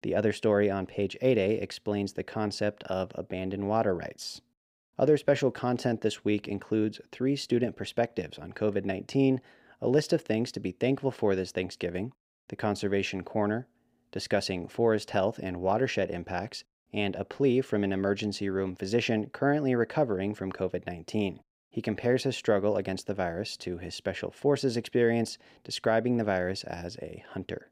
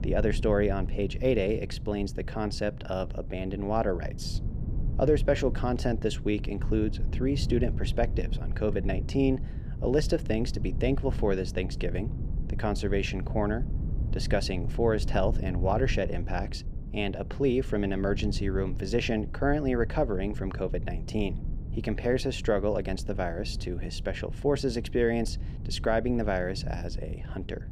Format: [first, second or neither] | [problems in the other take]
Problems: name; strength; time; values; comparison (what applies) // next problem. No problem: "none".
first | low rumble; noticeable; throughout; 15 dB below the speech